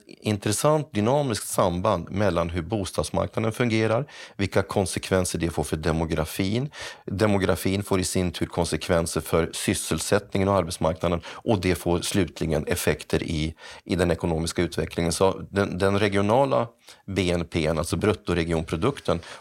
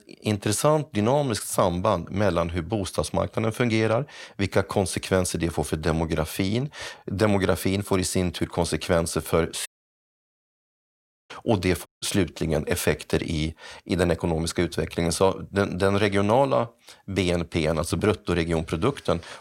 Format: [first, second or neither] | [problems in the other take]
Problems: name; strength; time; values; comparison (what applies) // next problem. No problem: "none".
first | audio cutting out; at 9.5 s for 1.5 s and at 12 s